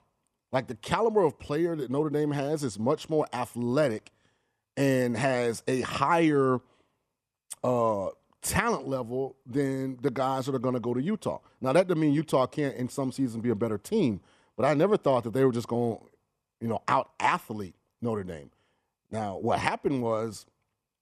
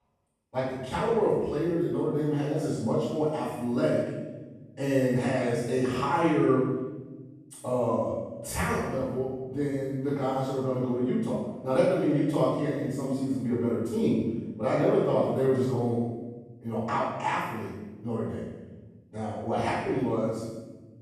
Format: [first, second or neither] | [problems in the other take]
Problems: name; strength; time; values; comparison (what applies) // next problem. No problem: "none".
first | room echo; strong; dies away in 1.2 s // off-mic speech; far